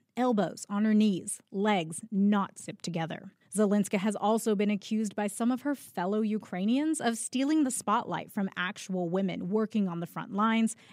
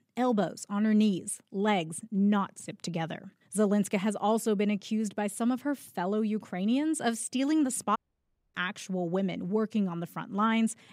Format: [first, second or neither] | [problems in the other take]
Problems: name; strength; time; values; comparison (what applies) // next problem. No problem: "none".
first | audio cutting out; at 8 s for 0.5 s